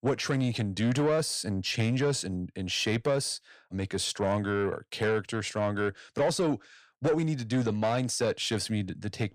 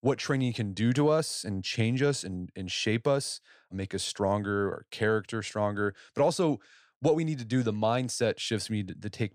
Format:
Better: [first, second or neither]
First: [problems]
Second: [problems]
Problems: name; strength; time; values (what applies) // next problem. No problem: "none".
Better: second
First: distortion; slight; 10 dB below the speech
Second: none